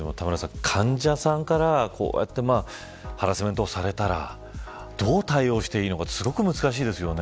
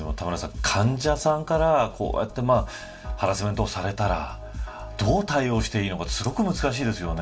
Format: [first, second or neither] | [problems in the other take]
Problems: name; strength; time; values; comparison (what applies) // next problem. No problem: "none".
first | room echo; dies away in 0.2 s